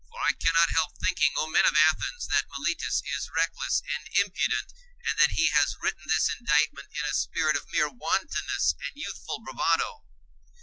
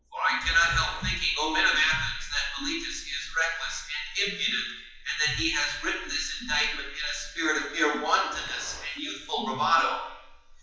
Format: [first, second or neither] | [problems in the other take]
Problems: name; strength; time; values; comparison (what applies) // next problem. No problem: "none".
first | background sound (Gunshot, gunfire); 18 dB below the speech // room echo; dies away in 2.2 s